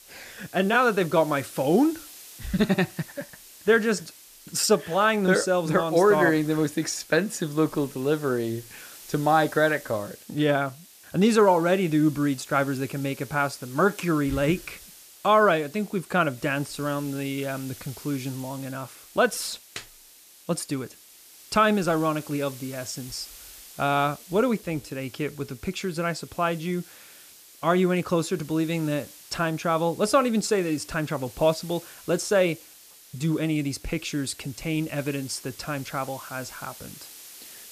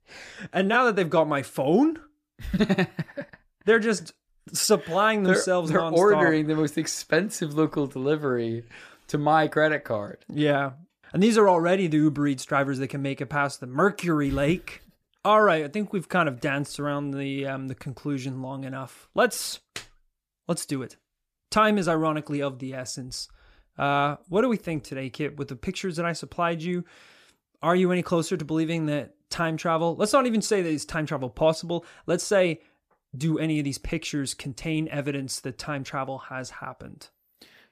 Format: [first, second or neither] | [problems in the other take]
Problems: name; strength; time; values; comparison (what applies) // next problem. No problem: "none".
second | hiss; noticeable; throughout; 20 dB below the speech